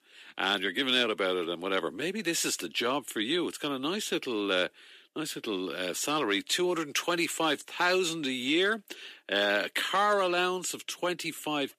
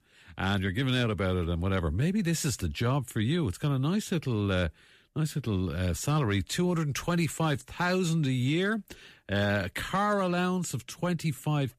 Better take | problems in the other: second | thin; somewhat; fading below 300 Hz

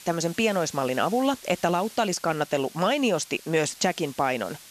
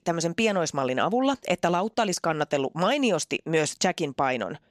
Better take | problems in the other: second | hiss; noticeable; throughout; 20 dB below the speech

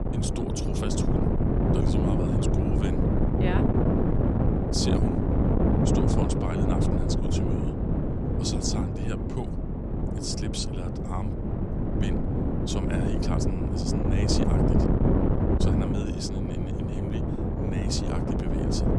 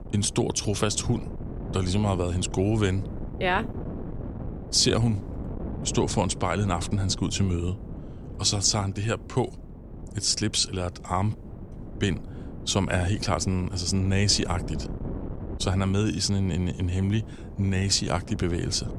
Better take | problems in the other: second | wind noise on the microphone; heavy; 5 dB above the speech; occasional gusts in the second

